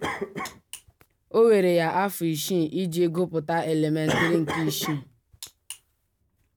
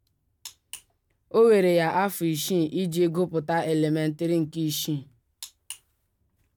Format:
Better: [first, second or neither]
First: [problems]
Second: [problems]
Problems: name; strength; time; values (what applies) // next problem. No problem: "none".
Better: second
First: background sound (Cough); 9 dB below the speech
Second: none